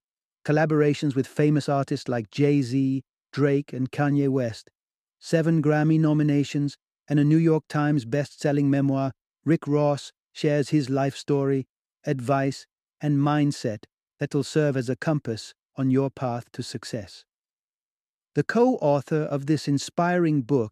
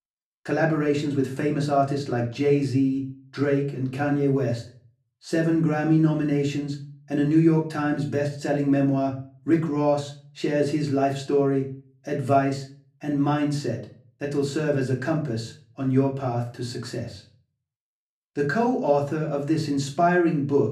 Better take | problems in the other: first | room echo; slight; dies away in 0.3 s // off-mic speech; far

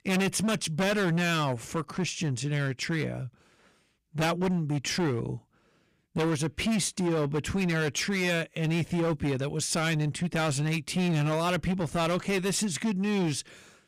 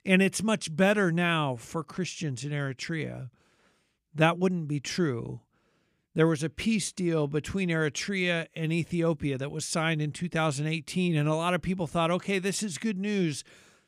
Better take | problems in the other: second | distortion; heavy; 17% of the sound clipped

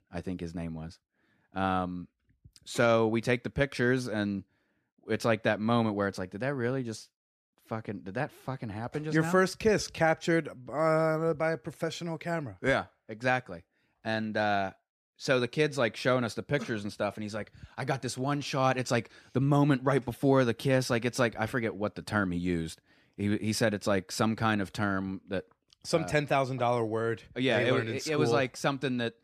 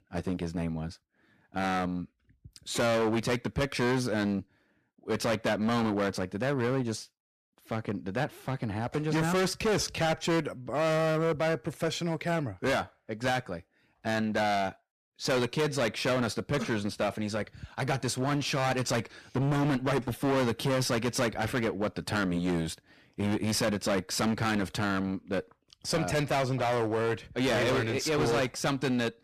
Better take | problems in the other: first | distortion; heavy; 17% of the sound clipped

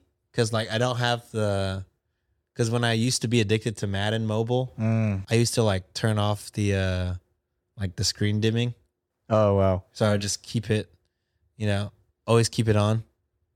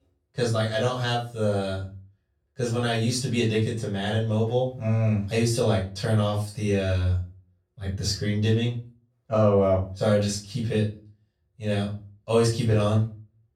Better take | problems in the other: first | off-mic speech; far // room echo; slight; dies away in 0.3 s

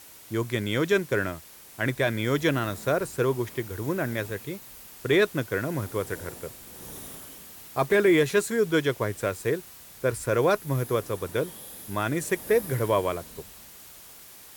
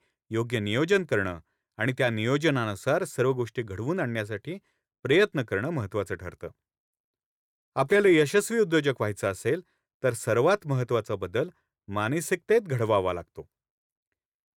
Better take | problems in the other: second | hiss; noticeable; throughout; 15 dB below the speech

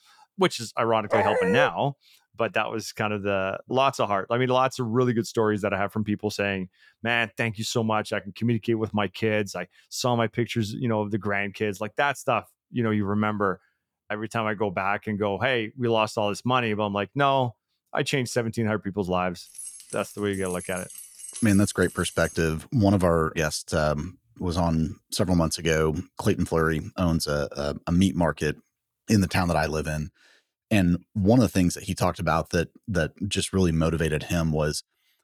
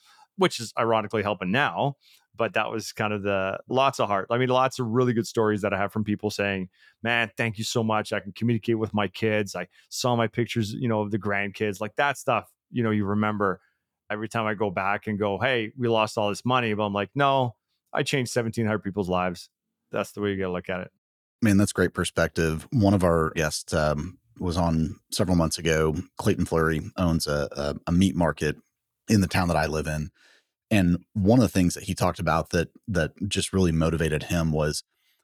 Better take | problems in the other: second | dog barking; loud; at 1 s; peak 2 dB above the speech // jangling keys; faint; from 19 to 22 s; peak 10 dB below the speech

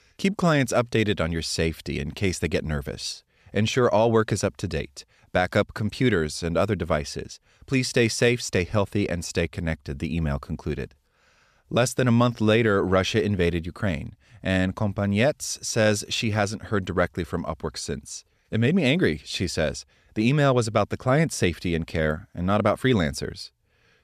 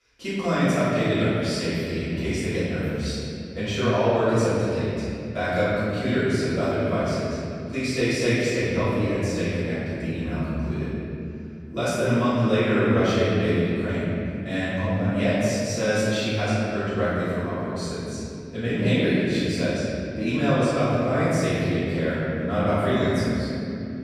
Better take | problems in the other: first | off-mic speech; far // room echo; strong; dies away in 2.9 s

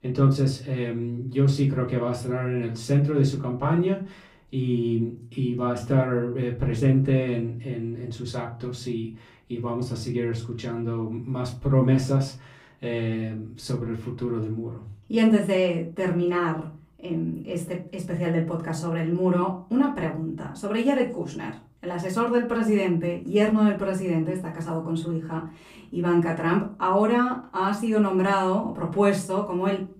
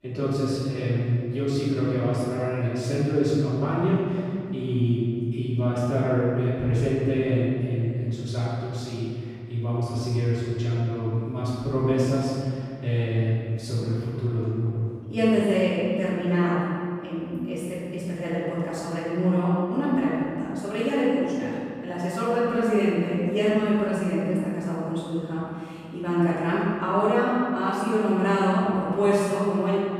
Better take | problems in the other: first | room echo; strong; dies away in 2.1 s; slight in the first // off-mic speech; far; far in the first

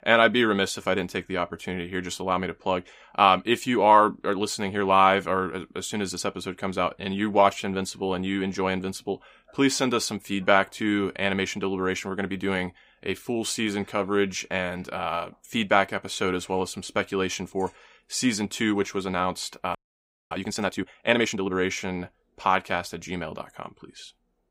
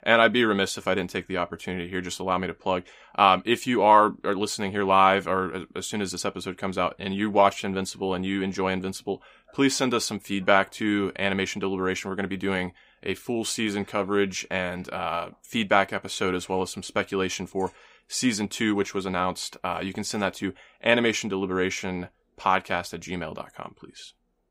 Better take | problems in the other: second | audio freezing; at 20 s for 0.5 s

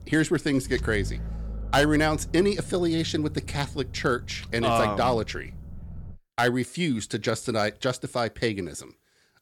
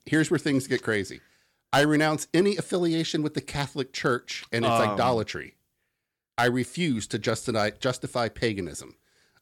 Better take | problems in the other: second | low rumble; faint; until 6 s; 25 dB below the speech

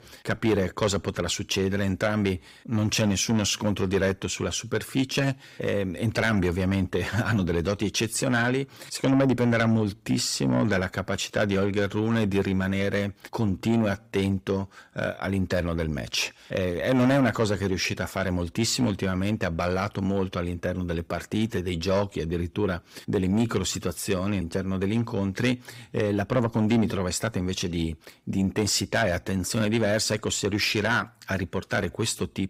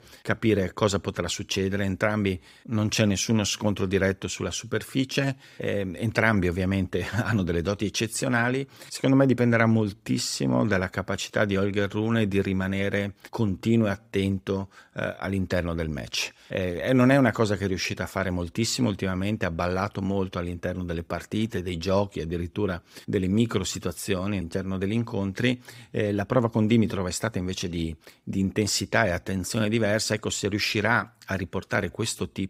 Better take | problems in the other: second | distortion; slight; 10 dB below the speech

